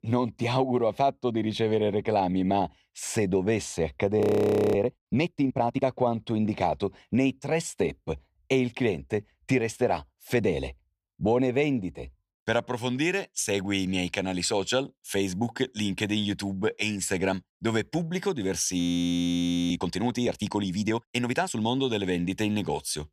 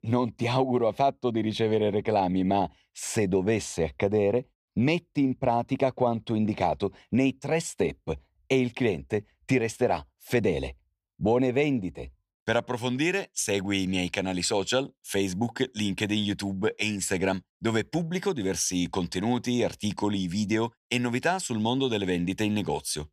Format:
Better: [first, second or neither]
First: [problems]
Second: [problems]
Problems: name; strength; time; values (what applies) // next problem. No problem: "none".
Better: second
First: audio freezing; at 4 s for 0.5 s and at 19 s for 1 s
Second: none